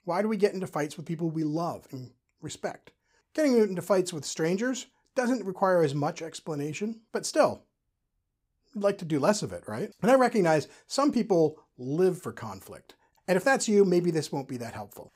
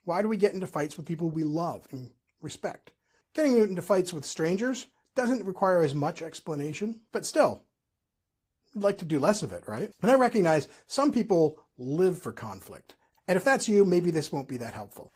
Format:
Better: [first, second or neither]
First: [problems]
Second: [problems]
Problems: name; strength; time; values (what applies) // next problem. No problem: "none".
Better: first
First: none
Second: garbled, watery; slightly; nothing above 15.5 kHz